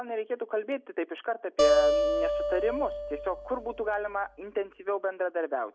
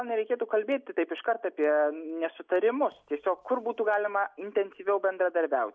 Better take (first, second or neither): second